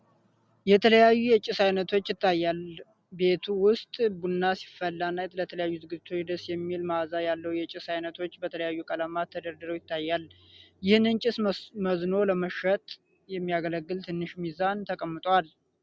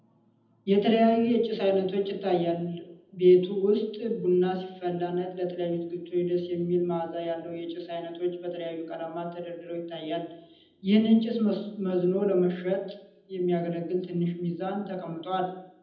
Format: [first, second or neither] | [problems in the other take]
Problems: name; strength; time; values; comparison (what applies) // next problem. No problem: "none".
first | room echo; dies away in 0.8 s